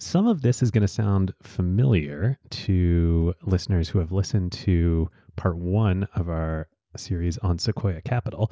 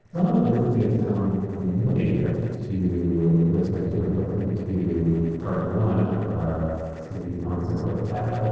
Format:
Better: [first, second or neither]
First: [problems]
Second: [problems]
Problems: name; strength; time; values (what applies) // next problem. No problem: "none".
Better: first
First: none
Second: noise reduction (neural separator model SepFormer DNS4)